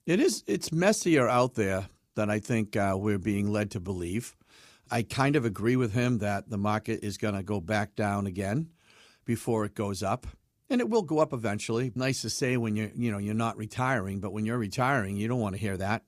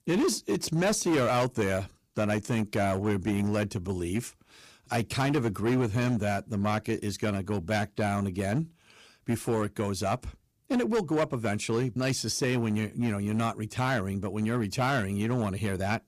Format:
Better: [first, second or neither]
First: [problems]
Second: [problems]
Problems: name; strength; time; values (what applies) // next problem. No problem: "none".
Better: first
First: none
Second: distortion; slight; 9% of the sound clipped